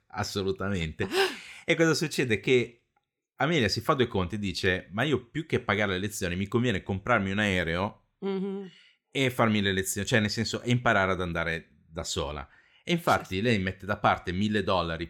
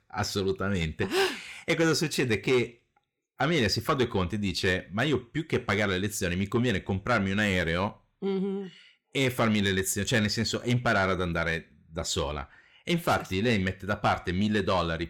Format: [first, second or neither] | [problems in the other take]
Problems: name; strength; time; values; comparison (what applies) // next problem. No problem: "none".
first | distortion; slight; 10 dB below the speech